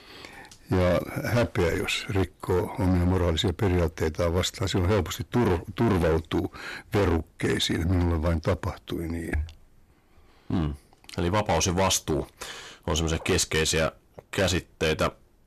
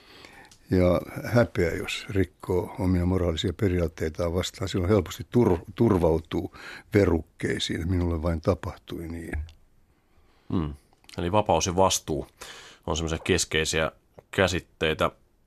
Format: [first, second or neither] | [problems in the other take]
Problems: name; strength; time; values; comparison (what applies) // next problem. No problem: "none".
second | distortion; heavy; 12% of the sound clipped